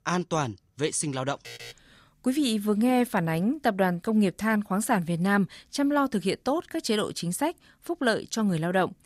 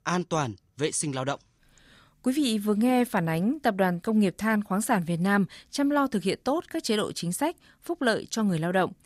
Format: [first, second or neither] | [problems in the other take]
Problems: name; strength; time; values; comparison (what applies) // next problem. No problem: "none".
second | alarm; faint; at 1.5 s; peak 15 dB below the speech